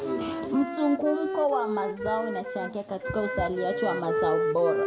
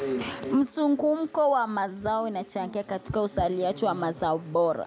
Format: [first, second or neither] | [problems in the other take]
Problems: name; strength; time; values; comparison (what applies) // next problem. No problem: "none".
second | background sound (Wind instrument, woodwind instrument); 2 dB below the speech // room echo; dies away in 0.4 s